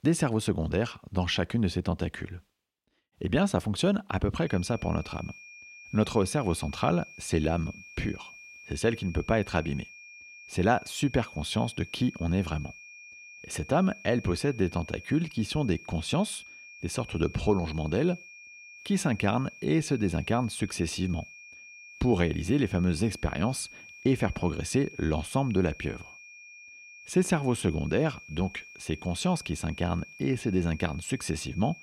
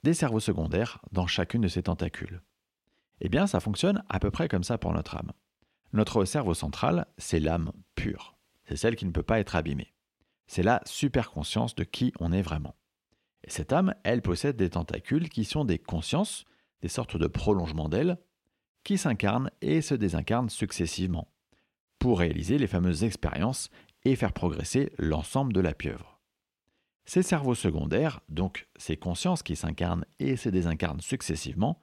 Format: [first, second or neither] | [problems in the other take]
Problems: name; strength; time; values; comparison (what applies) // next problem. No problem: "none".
second | high-pitched whine; noticeable; from 4.5 s on; 2.5 kHz, 15 dB below the speech